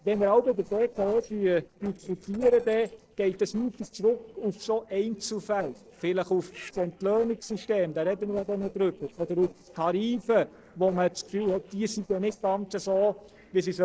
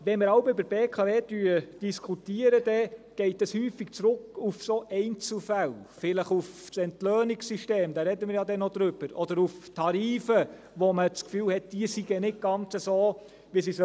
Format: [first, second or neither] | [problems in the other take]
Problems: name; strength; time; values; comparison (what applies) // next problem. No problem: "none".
second | noise reduction (neural separator model SepFormer DNS4)